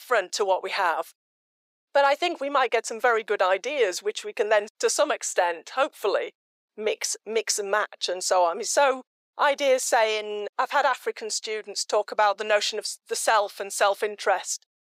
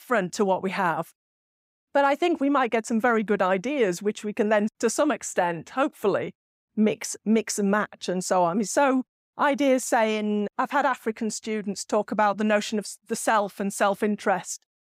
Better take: second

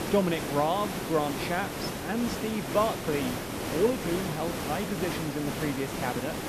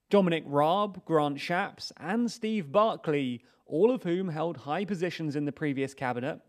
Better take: second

